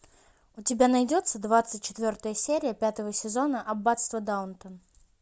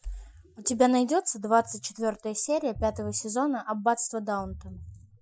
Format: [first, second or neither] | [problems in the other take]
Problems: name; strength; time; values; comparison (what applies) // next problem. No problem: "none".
first | noise reduction (classical method Wiener filter)